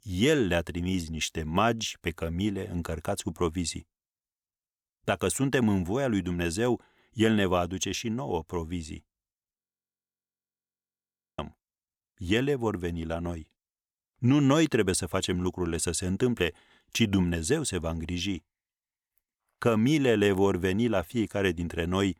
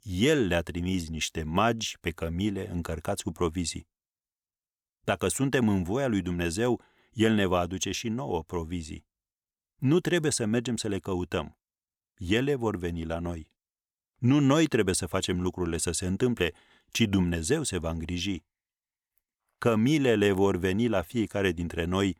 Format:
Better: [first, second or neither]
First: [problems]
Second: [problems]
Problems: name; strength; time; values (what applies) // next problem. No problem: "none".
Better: second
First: audio freezing; at 9.5 s for 2 s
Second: none